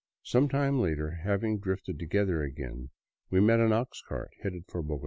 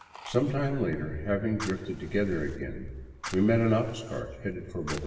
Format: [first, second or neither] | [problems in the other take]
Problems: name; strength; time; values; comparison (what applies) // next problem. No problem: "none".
first | background sound (Fire); 17 dB below the speech // room echo; dies away in 1.4 s